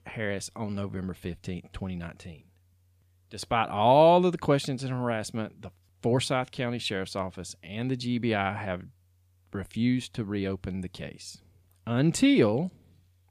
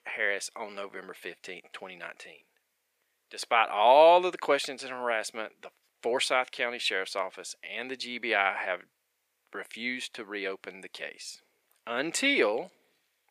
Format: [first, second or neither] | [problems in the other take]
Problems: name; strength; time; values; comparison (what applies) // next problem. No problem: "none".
first | thin; very; fading below 450 Hz